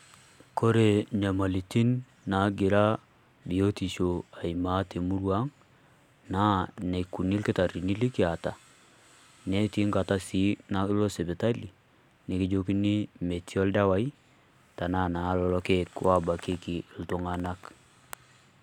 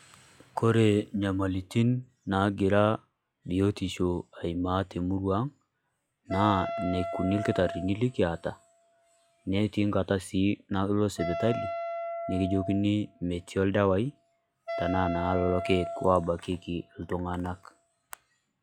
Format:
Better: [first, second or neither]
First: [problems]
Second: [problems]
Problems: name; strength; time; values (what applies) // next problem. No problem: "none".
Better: first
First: none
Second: noise reduction (classical method log-MMSE)